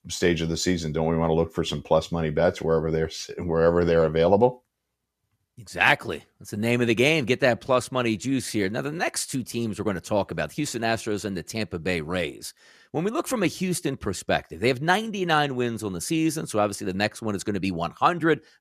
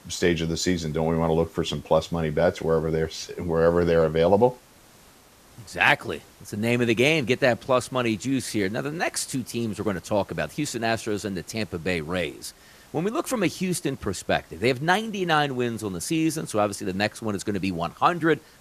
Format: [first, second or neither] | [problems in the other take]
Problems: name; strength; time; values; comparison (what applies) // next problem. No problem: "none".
first | hiss; faint; throughout; 25 dB below the speech